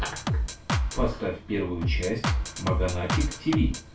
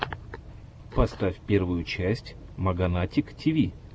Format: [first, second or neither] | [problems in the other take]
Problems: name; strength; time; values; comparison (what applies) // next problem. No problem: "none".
second | background sound (Drum kit); 1 dB above the speech // room echo; dies away in 0.3 s